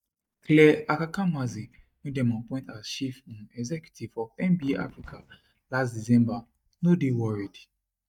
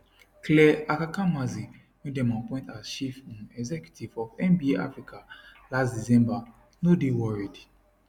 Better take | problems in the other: second | noise reduction (neural mask model DeepFilterNet 3)

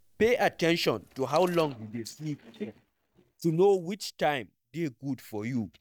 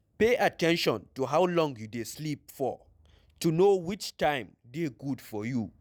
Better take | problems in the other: second | noise reduction (neural mask model DeepFilterNet 3)

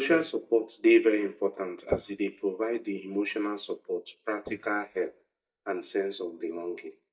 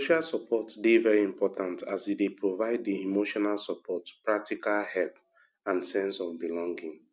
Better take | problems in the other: second | noise reduction (neural mask model DeepFilterNet 3)

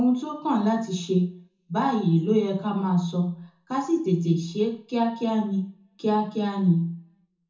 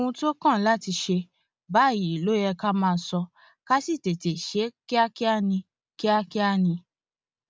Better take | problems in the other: second | room echo; dies away in 0.6 s

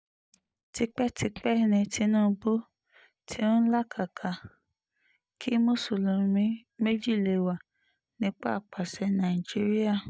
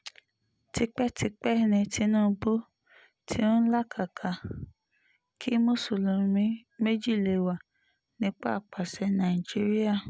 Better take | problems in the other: second | noise reduction (neural mask model DeepFilterNet 3)

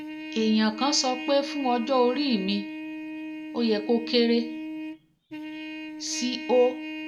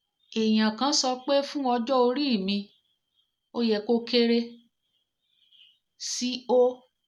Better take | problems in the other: second | background sound (Trumpet); 9 dB below the speech

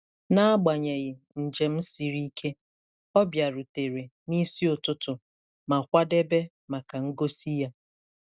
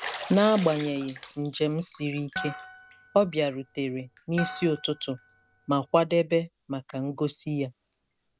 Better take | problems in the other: first | background sound (Bathtub (filling or washing) + Harp); 15 dB below the speech

